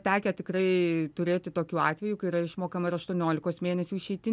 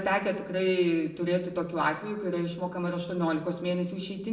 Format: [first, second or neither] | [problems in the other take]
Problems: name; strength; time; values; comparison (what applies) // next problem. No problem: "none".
first | room echo; dies away in 0.7 s